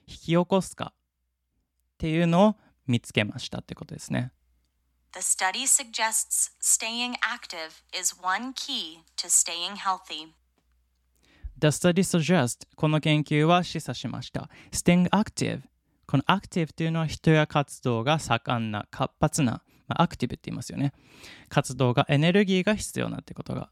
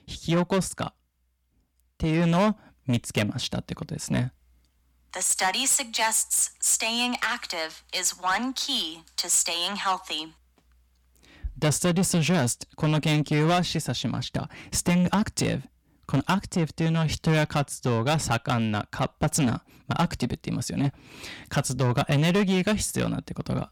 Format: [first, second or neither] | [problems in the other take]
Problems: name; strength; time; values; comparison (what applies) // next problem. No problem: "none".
first | distortion; heavy; 7 dB below the speech